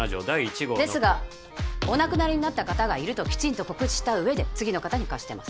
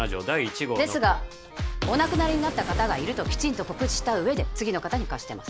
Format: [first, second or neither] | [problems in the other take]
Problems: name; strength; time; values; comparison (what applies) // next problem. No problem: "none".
first | background sound (Waves, surf); 11 dB below the speech